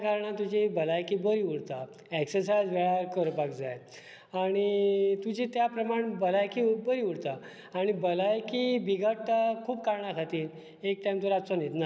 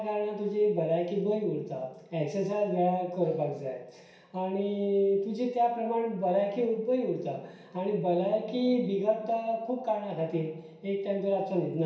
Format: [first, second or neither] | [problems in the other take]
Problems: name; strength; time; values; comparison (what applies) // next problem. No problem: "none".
first | room echo; dies away in 0.6 s